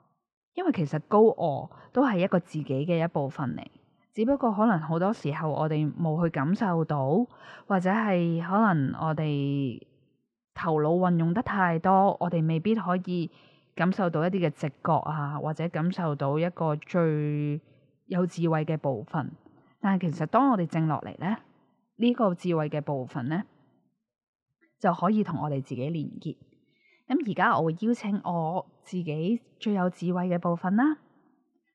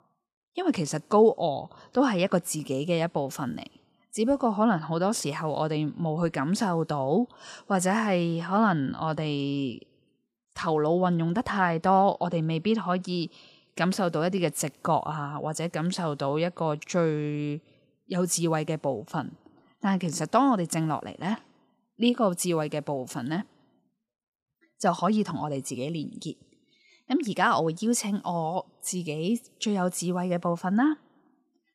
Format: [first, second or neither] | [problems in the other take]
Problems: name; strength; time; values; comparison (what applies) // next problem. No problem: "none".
second | muffled; very; fading above 2 kHz